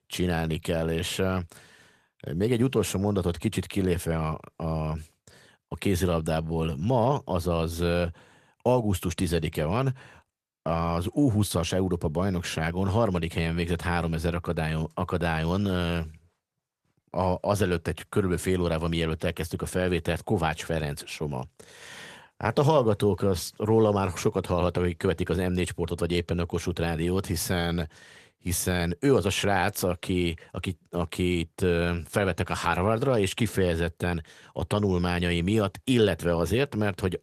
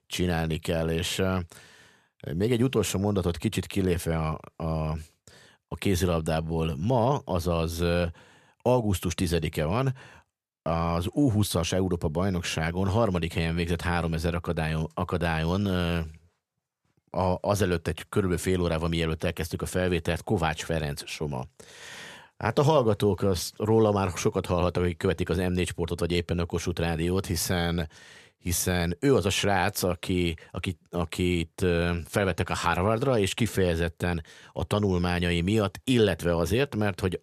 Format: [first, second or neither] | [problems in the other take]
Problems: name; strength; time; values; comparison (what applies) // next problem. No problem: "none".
second | garbled, watery; slightly; nothing above 14 kHz